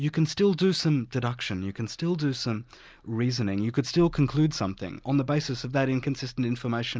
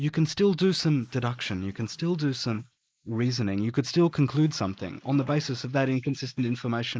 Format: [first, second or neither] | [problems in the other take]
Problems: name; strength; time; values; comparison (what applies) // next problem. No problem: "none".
first | noise reduction (neural mask model Resemble Enhance denoiser)